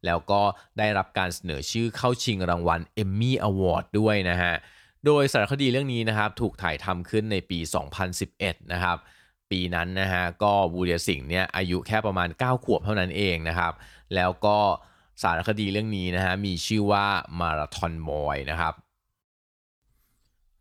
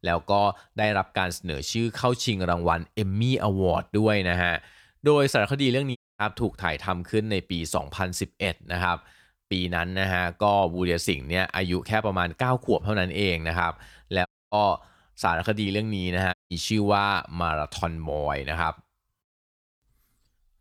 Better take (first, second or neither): first